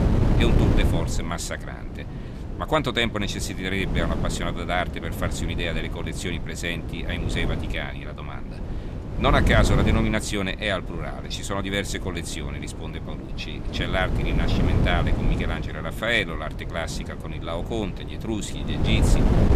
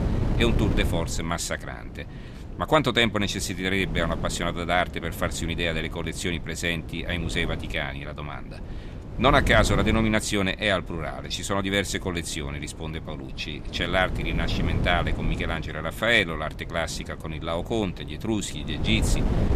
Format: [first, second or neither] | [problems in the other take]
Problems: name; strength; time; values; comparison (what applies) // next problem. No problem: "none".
second | wind noise on the microphone; heavy; 8 dB below the speech; occasional gusts in the second